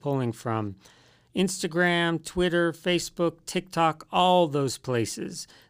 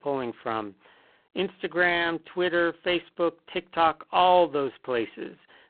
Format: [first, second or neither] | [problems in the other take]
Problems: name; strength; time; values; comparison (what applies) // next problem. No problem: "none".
first | phone-call audio; poor line